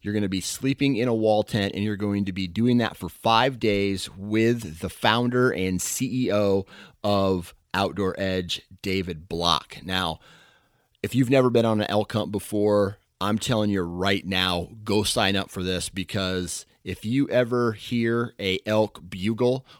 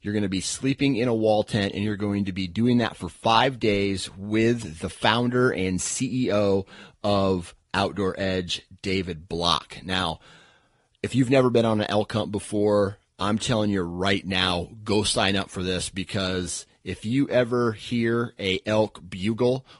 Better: first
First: none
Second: garbled, watery; slightly; nothing above 11 kHz

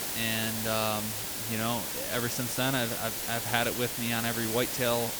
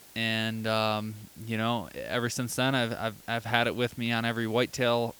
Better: second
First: hiss; loud; throughout; 1 dB below the speech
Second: hiss; faint; throughout; 20 dB below the speech

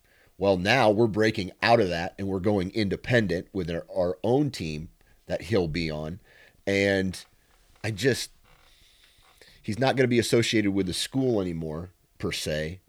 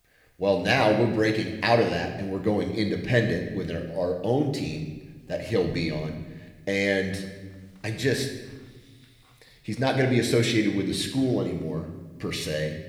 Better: first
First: none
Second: room echo; slight; dies away in 1 s

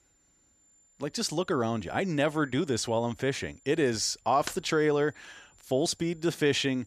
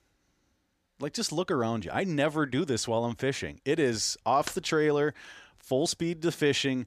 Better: second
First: high-pitched whine; faint; throughout; 7 kHz, 30 dB below the speech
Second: none

